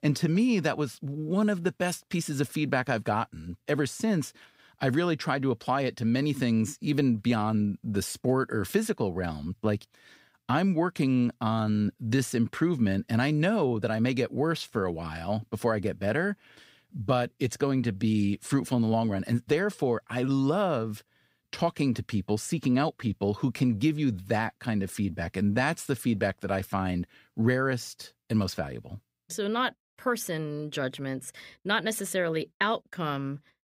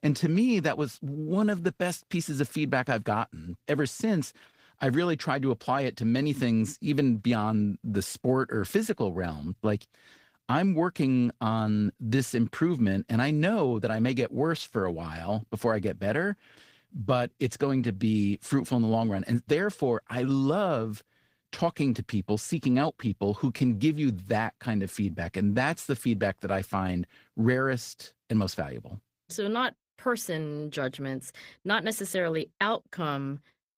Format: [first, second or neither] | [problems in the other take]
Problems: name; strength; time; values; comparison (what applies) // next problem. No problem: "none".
first | garbled, watery; slightly; nothing above 15.5 kHz